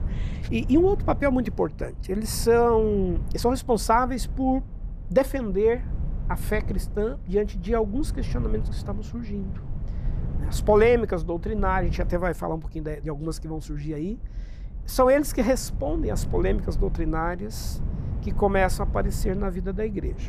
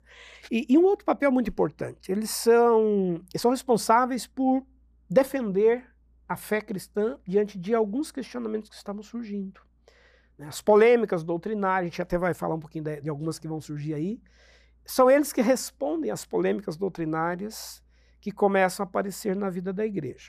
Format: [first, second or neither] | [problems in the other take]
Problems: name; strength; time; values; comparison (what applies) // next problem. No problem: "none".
second | low rumble; faint; throughout; 20 dB below the speech